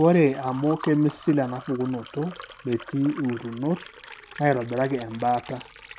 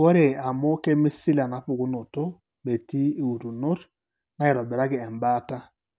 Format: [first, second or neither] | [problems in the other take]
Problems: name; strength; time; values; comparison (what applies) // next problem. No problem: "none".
second | background sound (Liquid); 18 dB below the speech